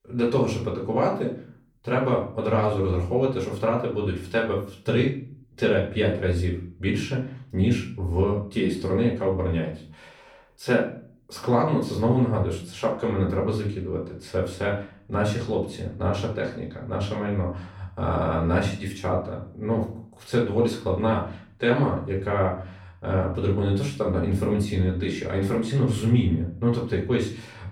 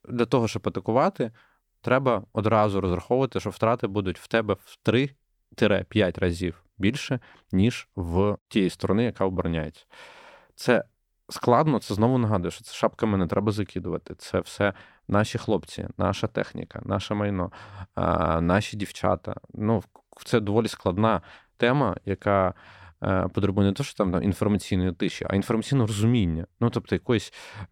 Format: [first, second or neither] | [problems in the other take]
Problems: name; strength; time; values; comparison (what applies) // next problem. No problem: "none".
second | off-mic speech; far // room echo; slight; dies away in 0.4 s